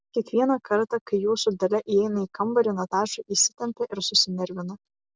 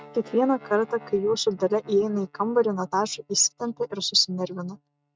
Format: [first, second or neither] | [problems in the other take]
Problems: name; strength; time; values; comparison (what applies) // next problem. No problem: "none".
first | noise reduction (neural mask model RNNoise)